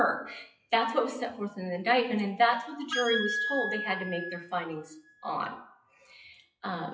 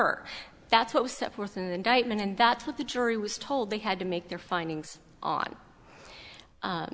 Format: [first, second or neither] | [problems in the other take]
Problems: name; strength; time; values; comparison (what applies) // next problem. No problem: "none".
second | noise reduction (classical method WPE with log-MMSE)